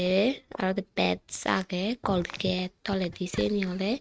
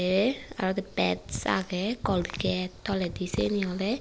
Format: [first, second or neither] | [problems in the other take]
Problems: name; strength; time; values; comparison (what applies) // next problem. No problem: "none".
second | noise reduction (neural mask model RNNoise)